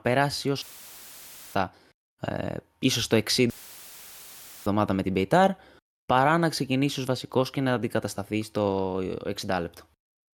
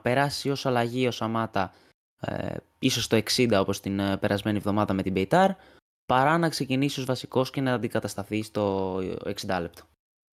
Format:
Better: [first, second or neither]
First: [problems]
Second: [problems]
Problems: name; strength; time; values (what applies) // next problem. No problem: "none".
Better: second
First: audio cutting out; filled with static; at 0.5 s for 1 s and at 3.5 s for 1 s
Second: none